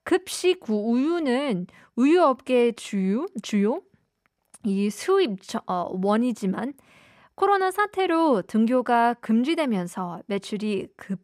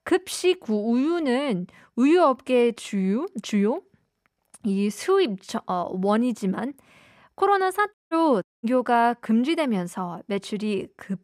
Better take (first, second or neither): first